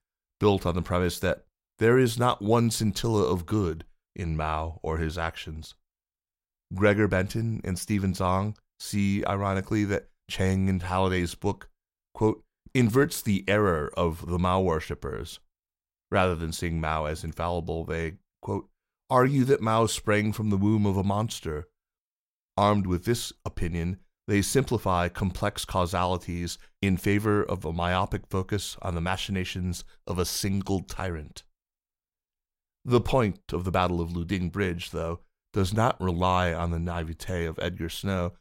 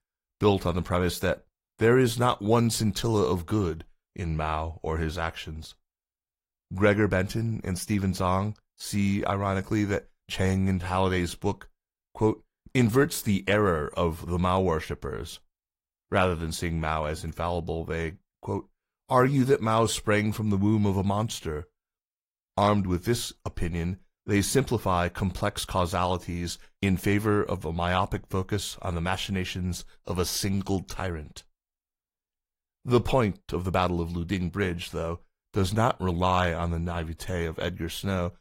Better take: first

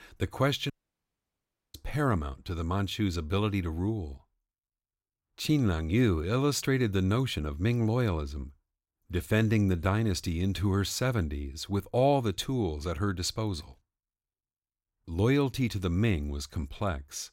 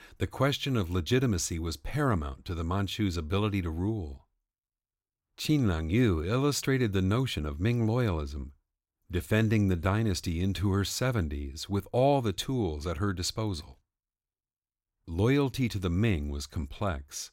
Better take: second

